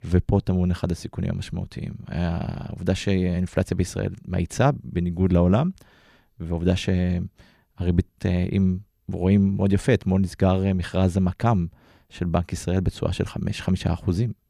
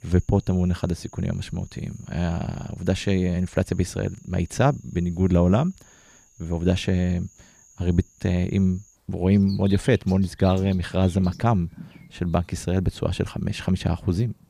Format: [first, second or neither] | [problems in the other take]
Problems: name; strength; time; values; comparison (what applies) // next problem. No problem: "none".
first | animal sounds; faint; throughout; 25 dB below the speech